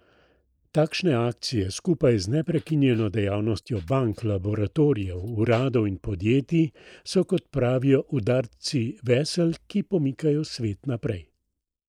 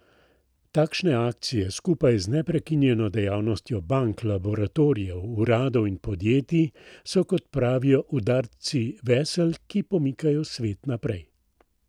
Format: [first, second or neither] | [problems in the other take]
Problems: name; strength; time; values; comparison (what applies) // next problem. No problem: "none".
second | noise reduction (neural mask model Resemble Enhance denoiser)